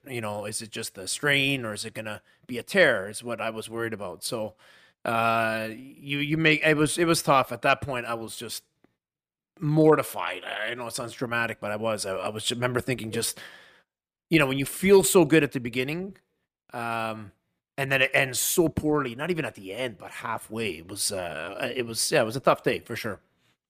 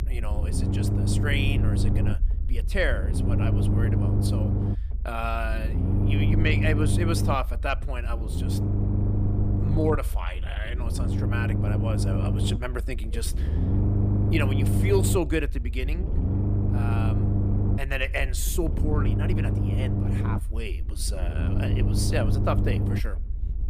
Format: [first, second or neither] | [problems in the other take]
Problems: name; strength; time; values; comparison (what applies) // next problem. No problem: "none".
first | low rumble; loud; throughout; 4 dB below the speech